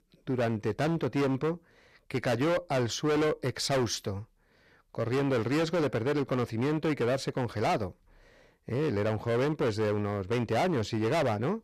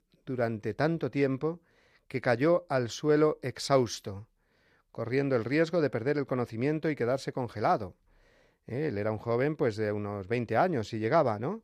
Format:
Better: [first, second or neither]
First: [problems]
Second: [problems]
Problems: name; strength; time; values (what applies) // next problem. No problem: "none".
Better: second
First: distortion; heavy; 19% of the sound clipped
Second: none